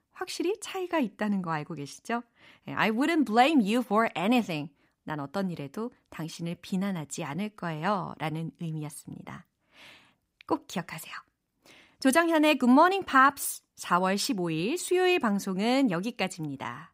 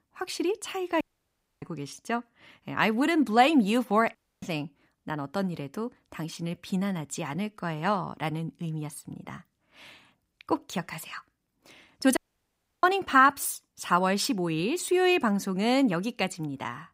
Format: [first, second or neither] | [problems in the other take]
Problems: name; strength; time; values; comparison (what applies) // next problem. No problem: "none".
first | audio cutting out; at 1 s for 0.5 s, at 4 s and at 12 s for 0.5 s